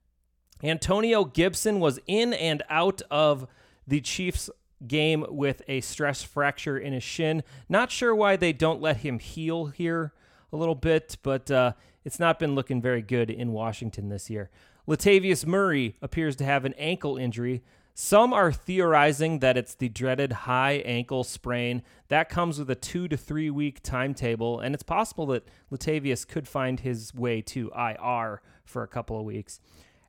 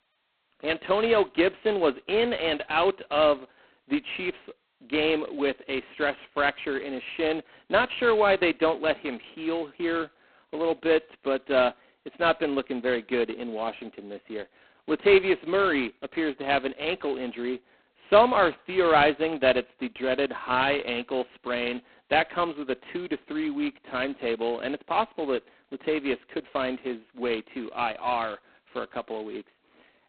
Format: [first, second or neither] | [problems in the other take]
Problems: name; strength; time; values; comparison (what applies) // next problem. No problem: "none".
first | phone-call audio; poor line; nothing above 4 kHz